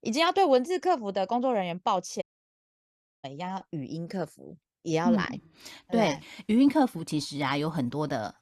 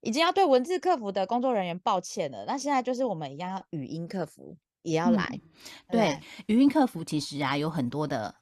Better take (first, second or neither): second